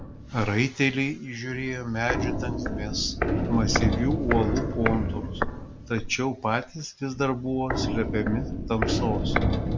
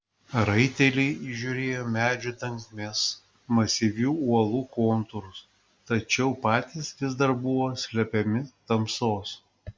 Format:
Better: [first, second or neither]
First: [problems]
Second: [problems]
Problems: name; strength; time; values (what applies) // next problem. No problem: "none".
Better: second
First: background sound (Walk, footsteps); as loud as the speech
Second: none